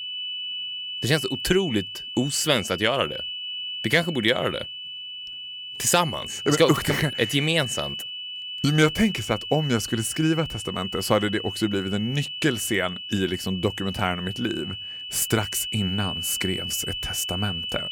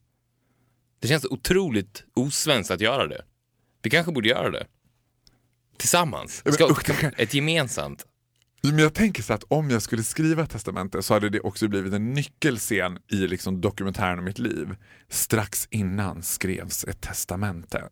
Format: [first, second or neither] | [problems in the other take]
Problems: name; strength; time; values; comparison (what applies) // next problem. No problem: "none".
second | high-pitched whine; loud; throughout; 3 kHz, 6 dB below the speech